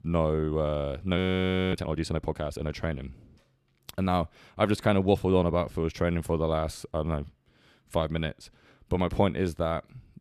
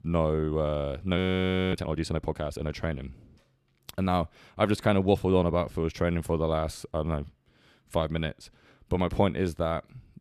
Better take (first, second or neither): neither